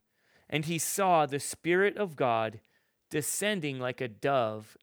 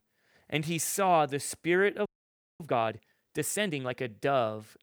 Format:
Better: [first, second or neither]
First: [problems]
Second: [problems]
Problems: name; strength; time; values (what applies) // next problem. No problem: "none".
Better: first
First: none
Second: audio freezing; at 2 s for 0.5 s